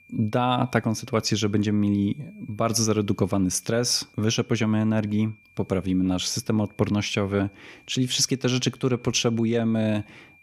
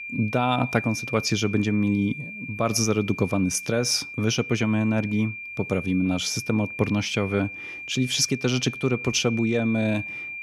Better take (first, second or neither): first